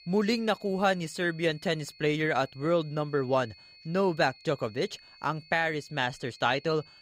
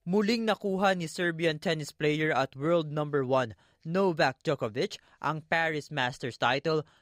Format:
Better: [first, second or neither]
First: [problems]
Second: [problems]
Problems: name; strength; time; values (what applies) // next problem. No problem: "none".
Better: second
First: high-pitched whine; faint; throughout; 4.5 kHz, 25 dB below the speech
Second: none